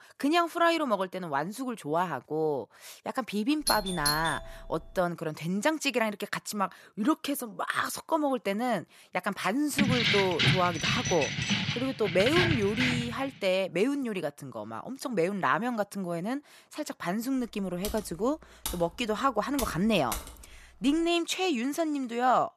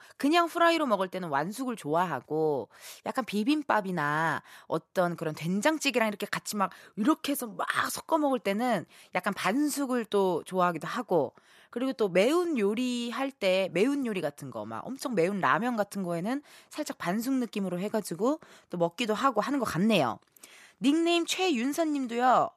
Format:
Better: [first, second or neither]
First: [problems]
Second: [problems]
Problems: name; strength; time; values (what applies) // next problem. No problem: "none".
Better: second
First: doorbell; loud; from 3.5 to 4.5 s; peak level with the speech // jangling keys; loud; from 10 to 13 s; peak 5 dB above the speech // keyboard typing; noticeable; from 18 to 21 s; peak 7 dB below the speech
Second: none